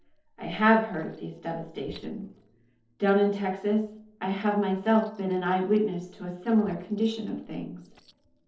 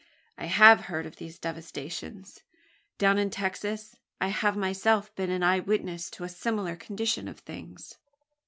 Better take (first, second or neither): second